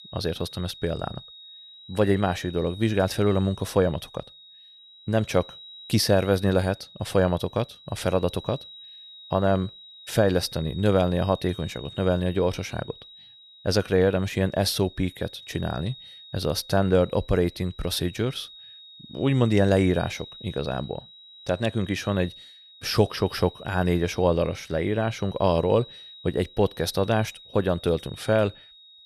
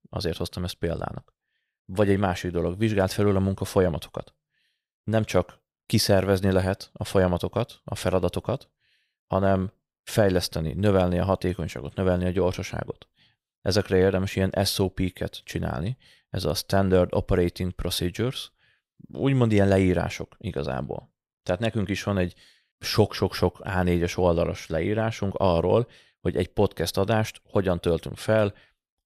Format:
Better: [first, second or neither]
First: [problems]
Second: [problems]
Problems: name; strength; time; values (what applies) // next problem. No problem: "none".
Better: second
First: high-pitched whine; noticeable; throughout; 4 kHz, 20 dB below the speech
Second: none